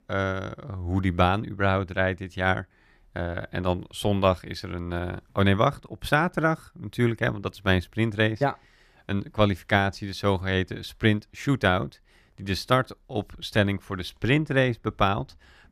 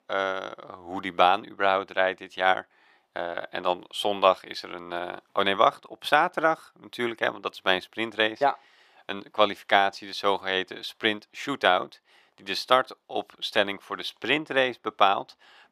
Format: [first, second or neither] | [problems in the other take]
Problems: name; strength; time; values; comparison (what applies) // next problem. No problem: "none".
first | thin; very; fading below 400 Hz